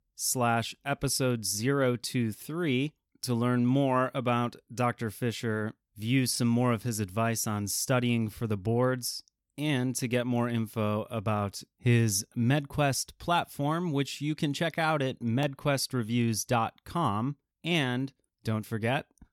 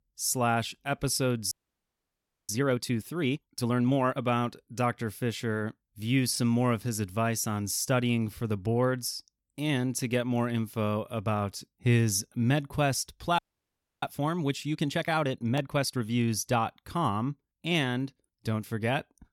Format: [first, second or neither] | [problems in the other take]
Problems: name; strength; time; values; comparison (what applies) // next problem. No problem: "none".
first | audio freezing; at 1.5 s for 1 s and at 13 s for 0.5 s